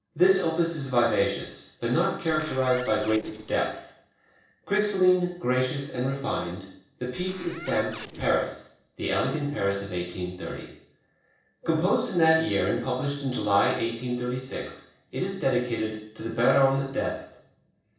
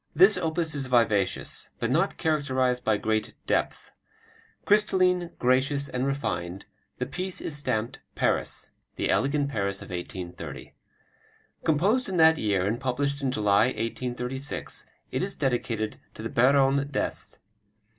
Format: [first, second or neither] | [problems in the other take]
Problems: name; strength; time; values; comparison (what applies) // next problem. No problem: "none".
second | noise reduction (neural separator model SepFormer DNS4)